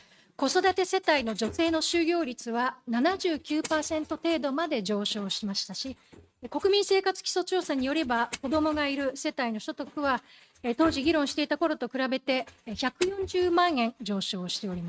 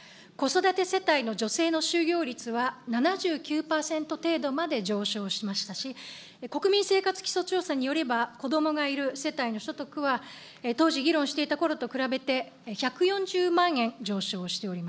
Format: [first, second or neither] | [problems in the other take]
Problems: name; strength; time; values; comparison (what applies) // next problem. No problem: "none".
second | noise reduction (neural mask model RNNoise)